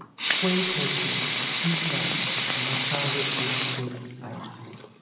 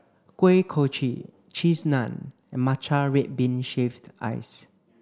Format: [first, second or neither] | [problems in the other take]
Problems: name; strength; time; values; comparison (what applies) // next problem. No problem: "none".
second | background sound (Sink (filling or washing) / Water tap, faucet / Liquid); 4 dB above the speech // room echo; dies away in 1.7 s